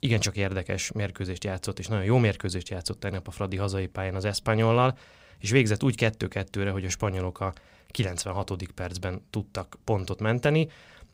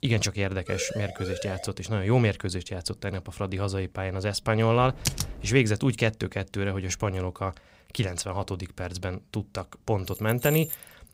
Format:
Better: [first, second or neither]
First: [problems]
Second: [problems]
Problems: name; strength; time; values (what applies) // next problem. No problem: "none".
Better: first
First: none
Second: siren; noticeable; at 0.5 s; peak 8 dB below the speech // keyboard typing; noticeable; at 5 s; peak 1 dB below the speech // jangling keys; noticeable; at 10 s; peak 4 dB below the speech